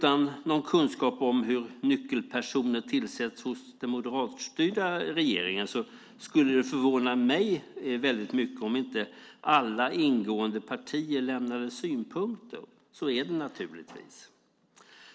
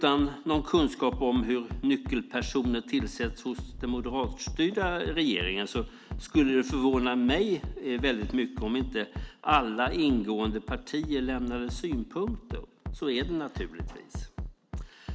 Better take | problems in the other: first | background sound (Bass drum); 10 dB below the speech

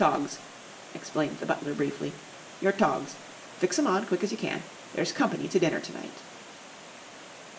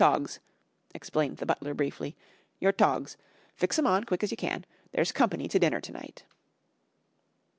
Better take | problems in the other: second | background sound (Water); 16 dB below the speech // room echo; dies away in 0.5 s

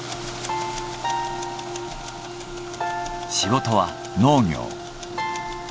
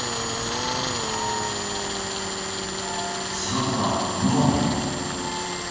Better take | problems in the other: first | background sound (Tools); 1 dB below the speech // room echo; dies away in 2.1 s

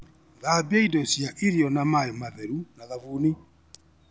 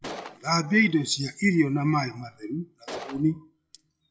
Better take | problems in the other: first | noise reduction (classical method WPE with log-MMSE)

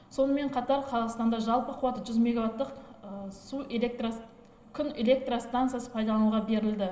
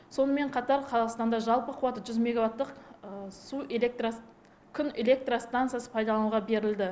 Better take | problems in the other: second | room echo; dies away in 2.9 s

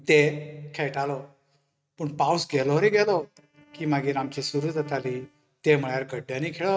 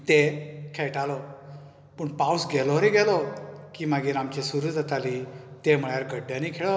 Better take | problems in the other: second | noise reduction (neural mask model RNNoise)

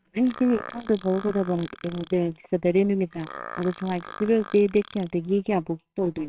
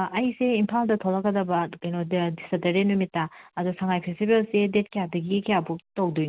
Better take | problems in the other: second | noise reduction (neural separator model SepFormer WHAMR!)

